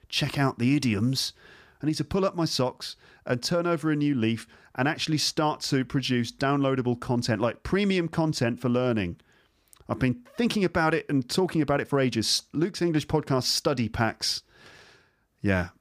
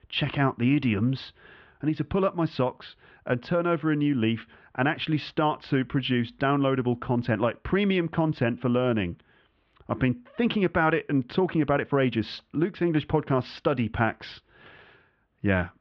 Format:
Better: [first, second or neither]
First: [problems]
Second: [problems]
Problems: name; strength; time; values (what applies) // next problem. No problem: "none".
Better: first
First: none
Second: muffled; very; fading above 3 kHz